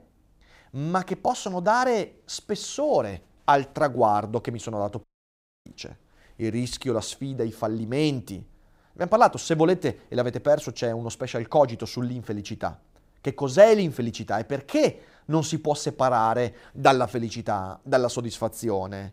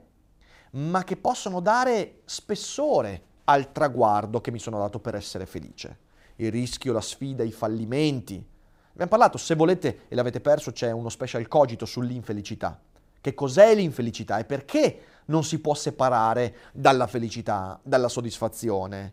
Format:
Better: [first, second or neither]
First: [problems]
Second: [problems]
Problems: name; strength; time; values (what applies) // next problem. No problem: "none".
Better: second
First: audio cutting out; at 5 s for 0.5 s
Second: none